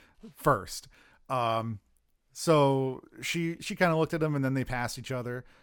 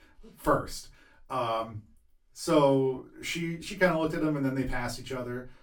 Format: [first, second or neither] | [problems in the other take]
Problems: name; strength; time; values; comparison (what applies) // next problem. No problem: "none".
first | off-mic speech; far // room echo; very slight; dies away in 0.2 s